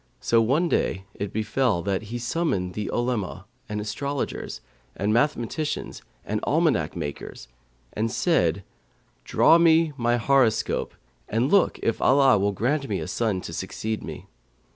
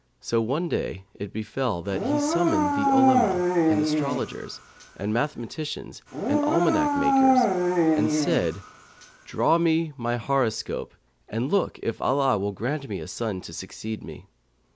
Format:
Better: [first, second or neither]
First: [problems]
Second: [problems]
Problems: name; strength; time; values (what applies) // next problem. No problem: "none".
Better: first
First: none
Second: background sound (Dog); 4 dB above the speech